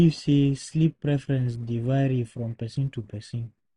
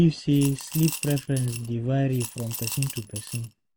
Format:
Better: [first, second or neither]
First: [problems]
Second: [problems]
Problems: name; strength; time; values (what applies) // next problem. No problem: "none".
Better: first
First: none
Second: background sound (Coin (dropping) / Glass); 12 dB below the speech